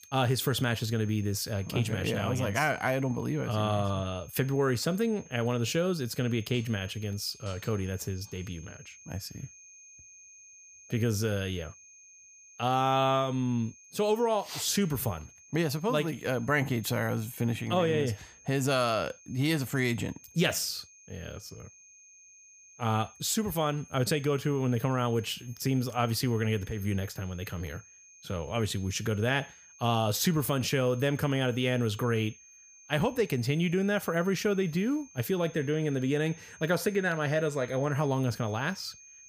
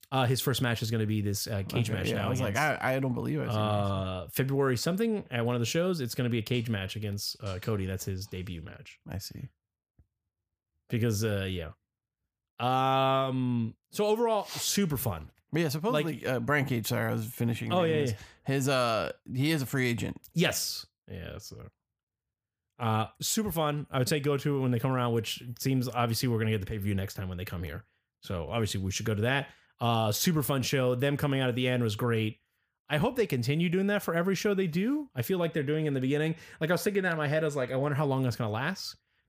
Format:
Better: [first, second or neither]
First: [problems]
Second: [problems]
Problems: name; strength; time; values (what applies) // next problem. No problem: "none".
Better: second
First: high-pitched whine; faint; throughout; 6.5 kHz, 20 dB below the speech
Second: none